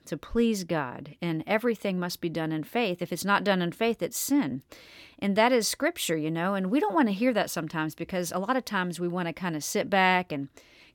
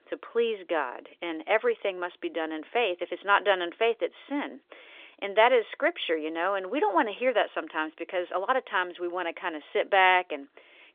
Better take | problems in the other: first | phone-call audio; nothing above 3.5 kHz

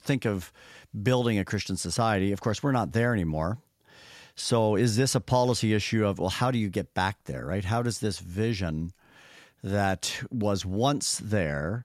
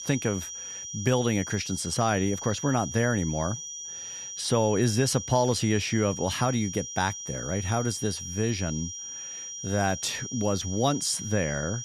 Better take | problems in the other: first | high-pitched whine; loud; throughout; 5.5 kHz, 8 dB below the speech

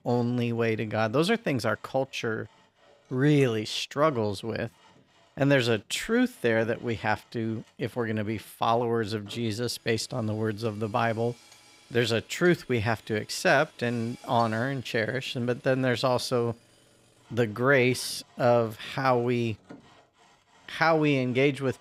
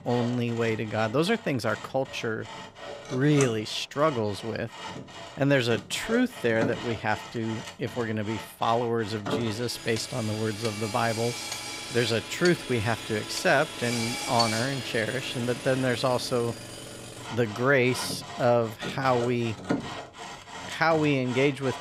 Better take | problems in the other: first | machinery noise; loud; throughout; 9 dB below the speech; faint in the first

